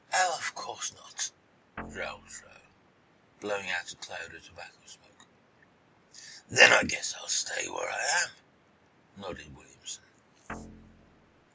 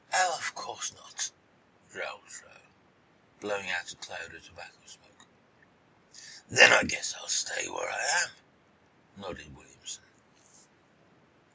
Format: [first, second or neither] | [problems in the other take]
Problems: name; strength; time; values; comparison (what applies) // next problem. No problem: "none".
second | background sound (Guitar); 14 dB below the speech